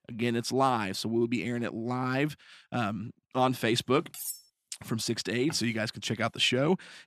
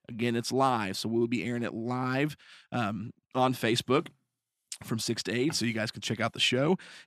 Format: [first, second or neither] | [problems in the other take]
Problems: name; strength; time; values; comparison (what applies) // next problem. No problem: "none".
second | clattering dishes; noticeable; at 4 s; peak 7 dB below the speech